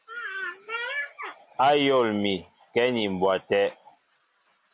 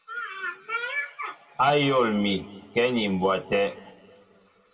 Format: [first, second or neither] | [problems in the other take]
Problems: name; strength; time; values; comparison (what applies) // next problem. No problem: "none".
first | room echo; dies away in 1.8 s